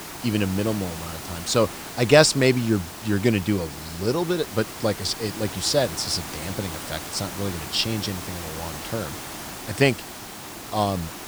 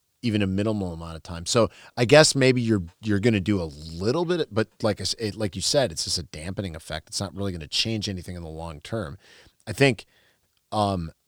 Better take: second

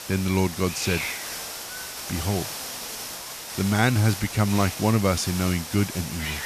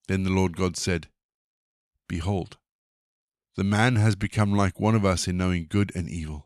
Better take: second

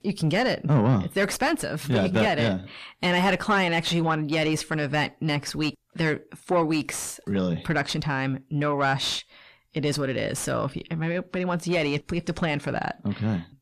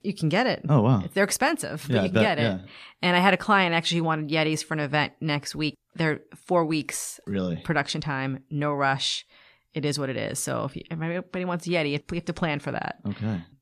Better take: second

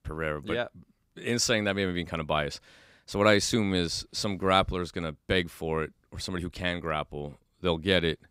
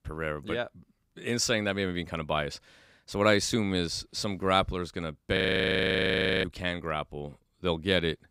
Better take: first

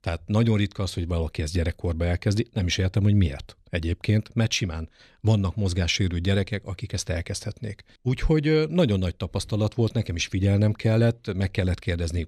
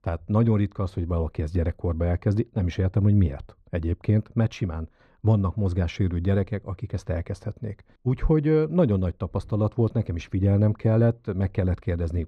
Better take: first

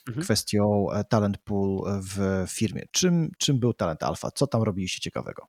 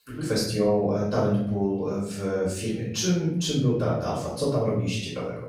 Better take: first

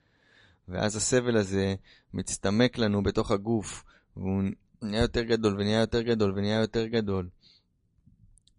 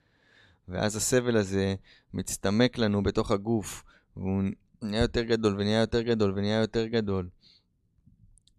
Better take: second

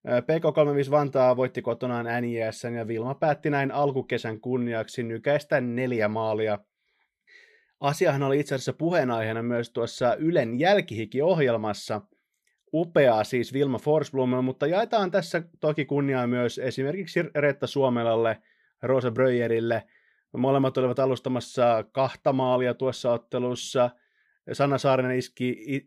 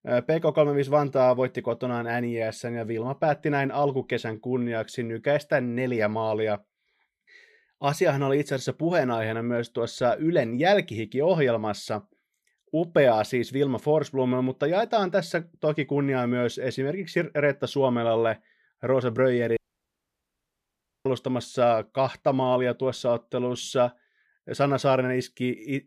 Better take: first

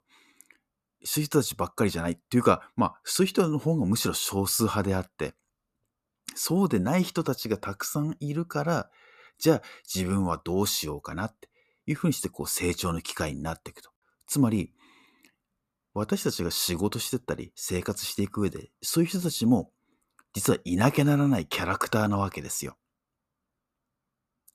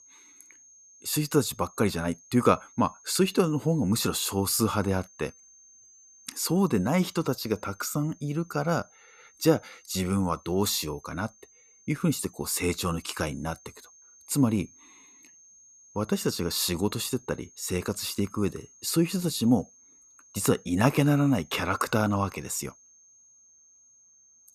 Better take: first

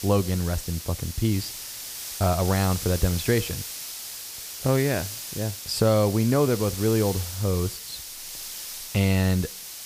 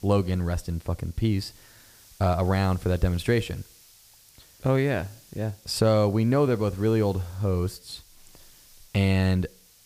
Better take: second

